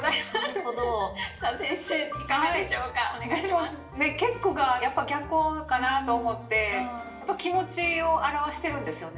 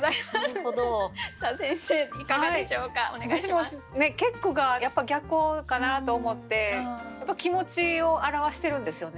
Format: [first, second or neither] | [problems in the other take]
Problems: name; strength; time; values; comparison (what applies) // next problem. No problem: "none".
second | room echo; dies away in 1.3 s